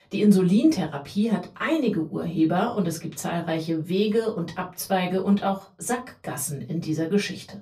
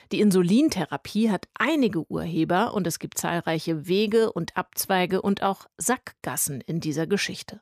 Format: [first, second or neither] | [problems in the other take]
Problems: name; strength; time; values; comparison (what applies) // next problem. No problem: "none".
second | off-mic speech; far // room echo; very slight; dies away in 0.3 s